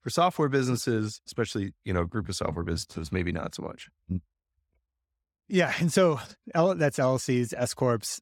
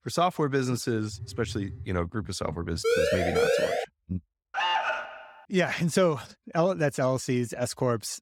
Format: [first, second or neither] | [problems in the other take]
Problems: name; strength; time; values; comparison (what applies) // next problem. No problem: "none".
first | phone ringing; faint; at 1 s; peak 10 dB below the speech // siren; loud; from 3 to 4 s; peak 4 dB above the speech // alarm; loud; at 4.5 s; peak 3 dB above the speech